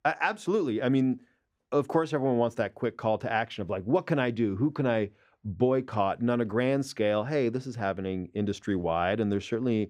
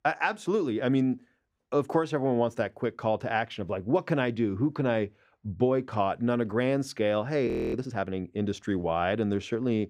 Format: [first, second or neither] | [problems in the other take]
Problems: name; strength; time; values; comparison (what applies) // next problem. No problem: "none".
first | audio freezing; at 7.5 s